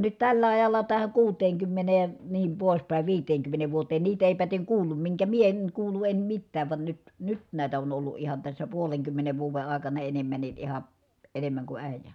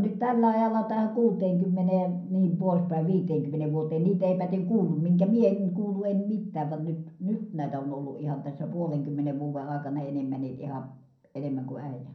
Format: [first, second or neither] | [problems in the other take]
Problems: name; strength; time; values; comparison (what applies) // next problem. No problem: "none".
first | room echo; dies away in 0.5 s